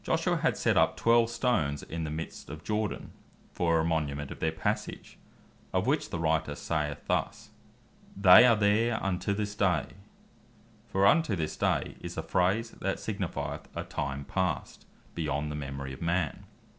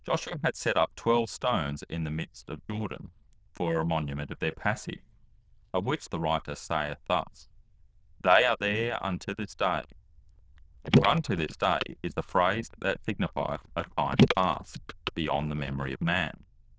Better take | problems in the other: first | noise reduction (neural diffusion model UNIVERSE++)

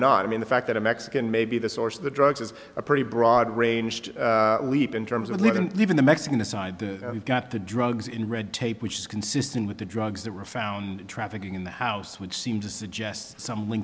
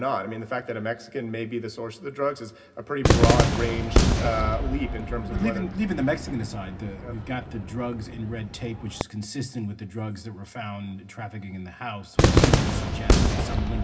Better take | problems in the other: first | background sound (Cheering / Fireworks); 4 dB above the speech // room echo; dies away in 0.4 s

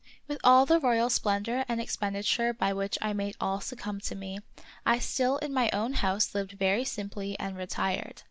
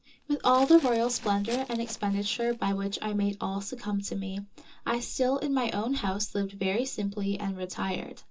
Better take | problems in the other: first | background sound (Glass); 18 dB below the speech // room echo; dies away in 0.2 s

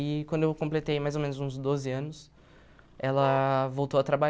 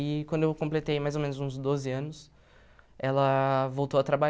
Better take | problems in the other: second | background sound (Vehicle horn, car horn, honking); 15 dB below the speech

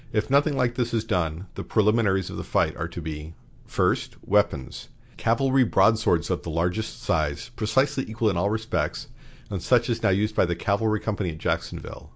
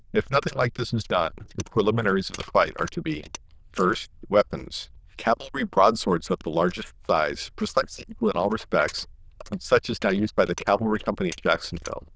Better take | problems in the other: first | noise reduction (neural diffusion model UNIVERSE++)

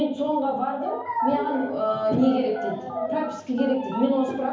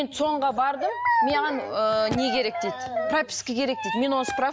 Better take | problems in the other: second | background sound (Telephone); 17 dB below the speech // room echo; dies away in 0.7 s

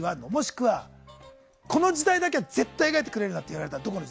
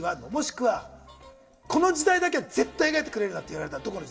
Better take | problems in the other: first | room echo; dies away in 0.5 s

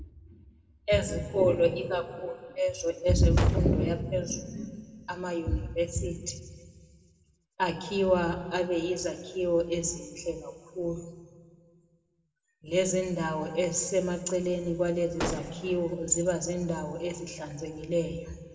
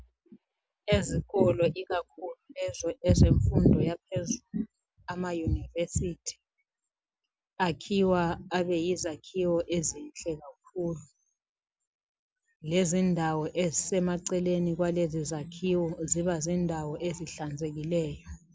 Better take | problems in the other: second | background sound (Gunshot, gunfire); 7 dB below the speech // room echo; dies away in 1.4 s

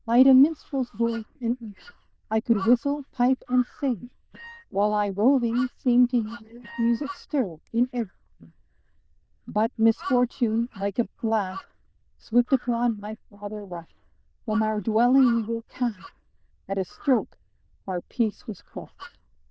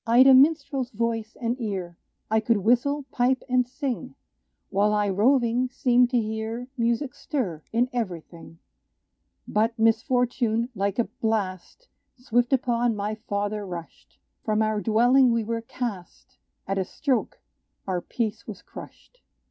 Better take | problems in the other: second | noise reduction (neural diffusion model UNIVERSE++)

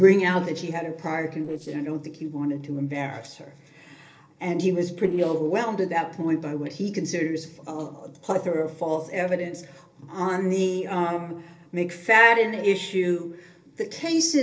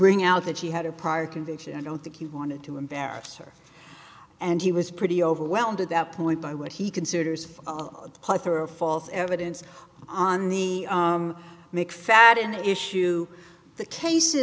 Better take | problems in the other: second | noise reduction (neural separator model SepFormer DNS4)

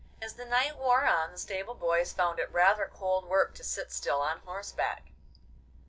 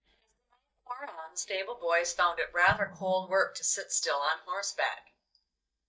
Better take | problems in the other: first | noise reduction (neural mask model DeepFilterNet 3)

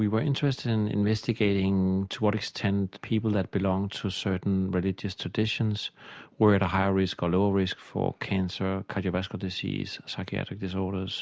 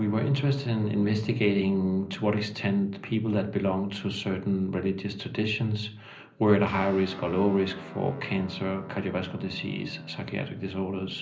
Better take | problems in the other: first | background sound (Guitar); 18 dB below the speech // room echo; dies away in 0.5 s

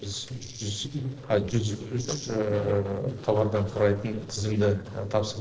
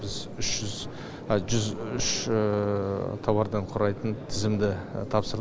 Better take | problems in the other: second | noise reduction (neural separator model SepFormer DNS4)

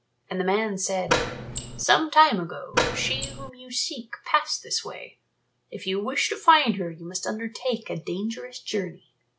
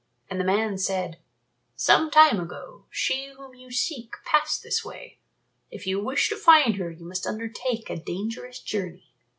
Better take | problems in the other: second | background sound (Door); 1 dB below the speech

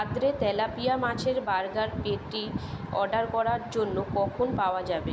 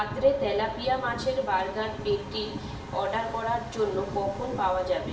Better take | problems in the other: first | background sound (Train); 17 dB below the speech // room echo; dies away in 0.7 s

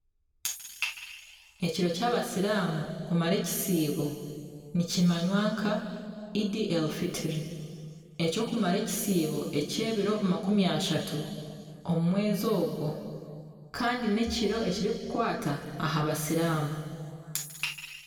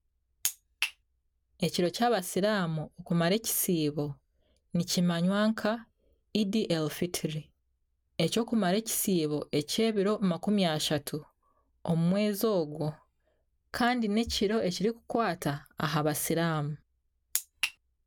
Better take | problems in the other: second | room echo; dies away in 2.2 s

